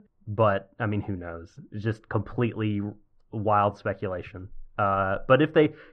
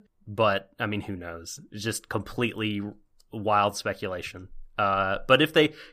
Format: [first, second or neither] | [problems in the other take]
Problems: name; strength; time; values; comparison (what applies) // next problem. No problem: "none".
second | muffled; very; fading above 1.5 kHz